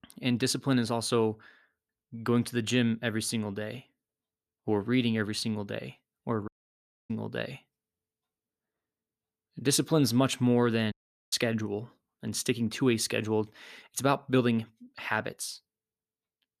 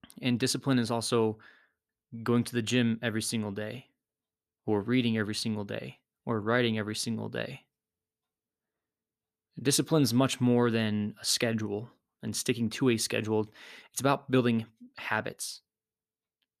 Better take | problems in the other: second | audio cutting out; at 6.5 s for 0.5 s and at 11 s

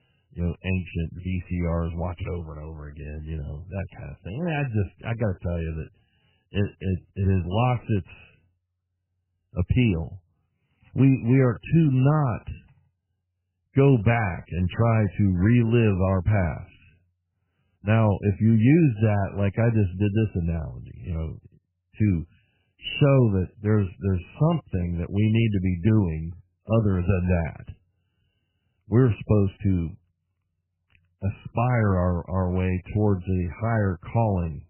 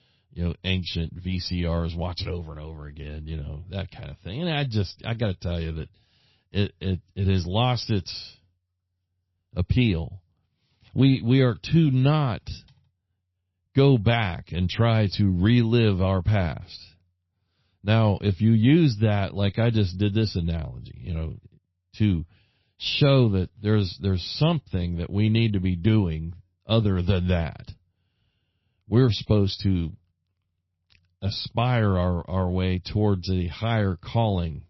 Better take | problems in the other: second | garbled, watery; badly; nothing above 3 kHz; slightly in the second

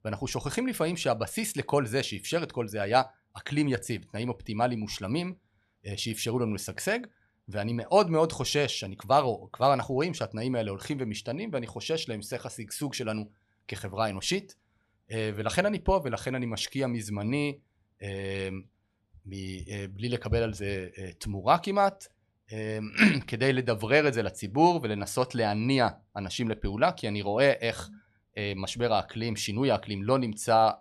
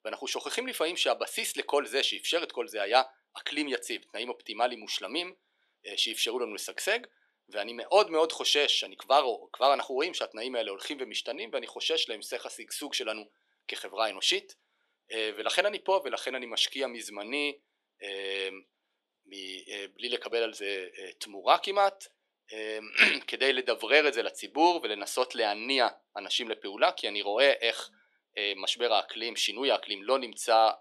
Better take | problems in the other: first | thin; somewhat; fading below 350 Hz

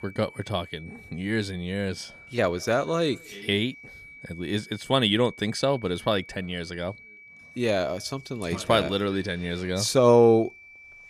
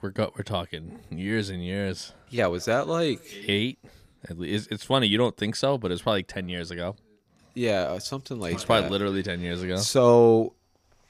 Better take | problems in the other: second | high-pitched whine; faint; throughout; 2.5 kHz, 20 dB below the speech

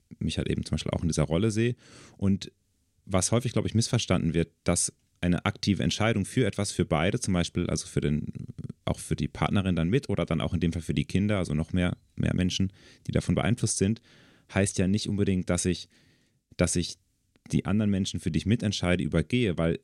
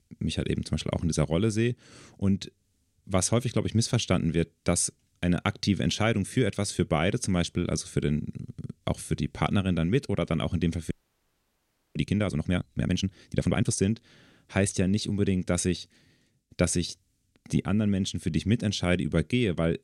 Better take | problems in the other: first | audio freezing; at 11 s for 1 s

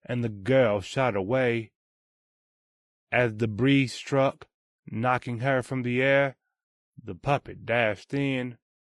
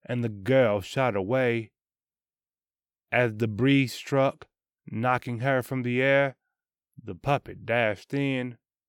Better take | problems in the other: second | garbled, watery; slightly; nothing above 11 kHz

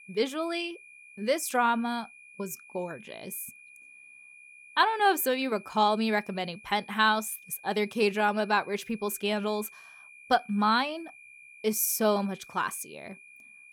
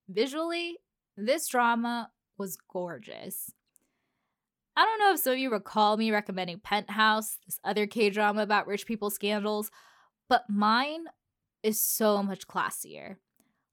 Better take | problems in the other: second | high-pitched whine; faint; throughout; 2.5 kHz, 20 dB below the speech

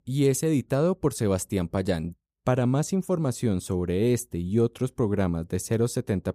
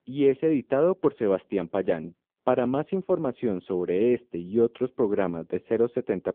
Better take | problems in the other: first | phone-call audio; poor line

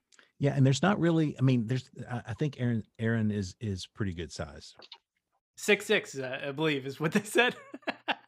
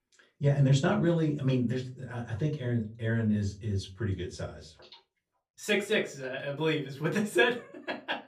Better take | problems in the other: first | off-mic speech; far // room echo; very slight; dies away in 0.3 s

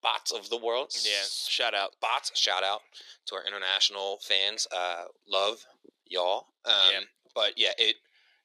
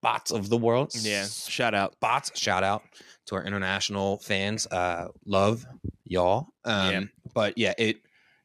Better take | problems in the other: second | thin; very; fading below 400 Hz

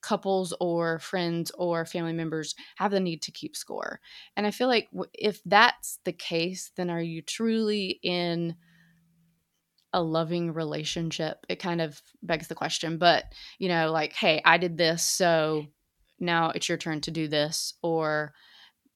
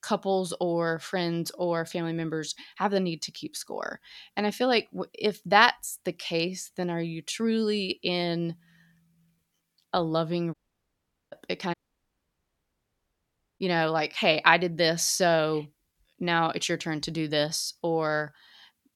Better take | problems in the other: first | audio cutting out; at 11 s for 1 s and at 12 s for 2 s

